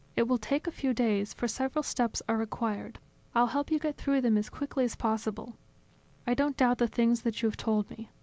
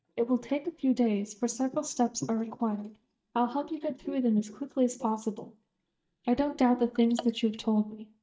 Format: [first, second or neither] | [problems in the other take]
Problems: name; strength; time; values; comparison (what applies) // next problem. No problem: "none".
first | noise reduction (neural mask model DeepFilterNet 3)